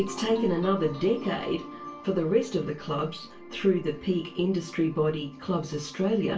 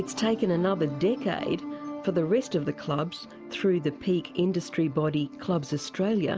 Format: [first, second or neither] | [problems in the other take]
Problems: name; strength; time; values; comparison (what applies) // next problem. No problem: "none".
second | background sound (Guitar); 16 dB below the speech // room echo; dies away in 0.3 s